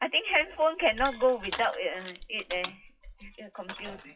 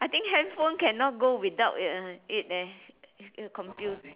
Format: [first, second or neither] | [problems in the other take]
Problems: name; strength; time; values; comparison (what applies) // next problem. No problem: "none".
second | noise reduction (classical method WPE with log-MMSE)